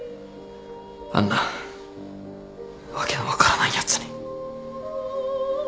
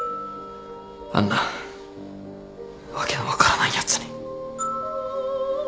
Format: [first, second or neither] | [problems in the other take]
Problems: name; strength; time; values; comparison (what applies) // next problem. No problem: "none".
first | background sound (Glockenspiel); 11 dB below the speech